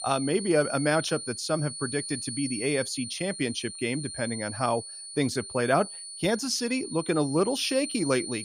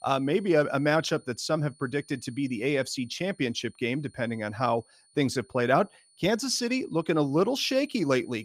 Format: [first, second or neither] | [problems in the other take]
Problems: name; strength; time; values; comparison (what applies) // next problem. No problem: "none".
second | high-pitched whine; loud; throughout; 9 kHz, 8 dB below the speech; faint in the second